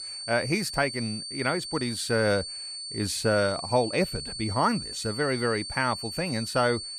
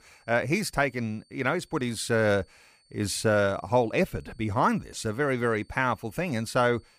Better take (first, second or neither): second